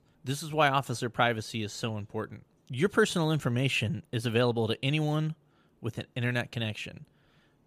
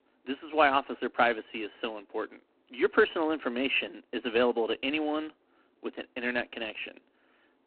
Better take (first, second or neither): first